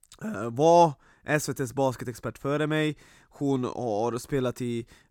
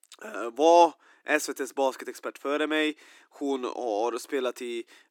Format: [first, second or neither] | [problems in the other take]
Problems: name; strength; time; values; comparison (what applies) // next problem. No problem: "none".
first | thin; somewhat; fading below 300 Hz